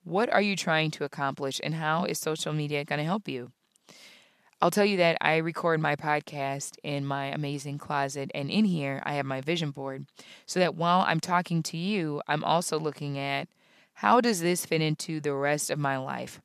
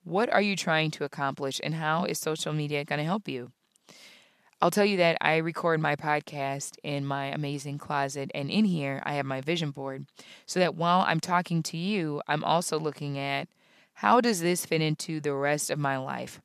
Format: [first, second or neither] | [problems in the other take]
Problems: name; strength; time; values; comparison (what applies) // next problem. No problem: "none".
neither | none